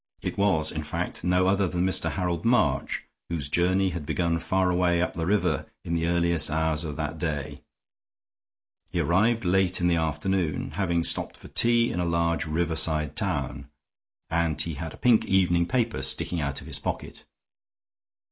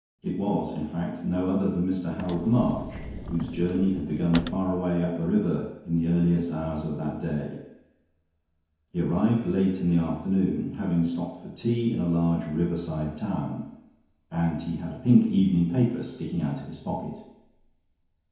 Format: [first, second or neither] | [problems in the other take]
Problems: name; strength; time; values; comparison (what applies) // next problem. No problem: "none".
first | background sound (Sliding door / Slam / Wood); 11 dB below the speech // room echo; dies away in 1 s